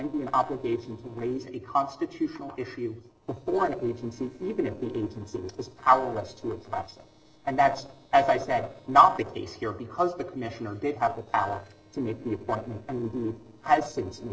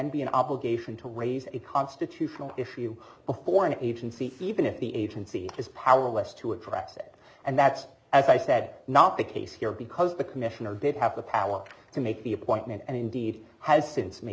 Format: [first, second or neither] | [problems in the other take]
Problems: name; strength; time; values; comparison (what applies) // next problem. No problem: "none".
second | noise reduction (neural separator model SepFormer DNS4)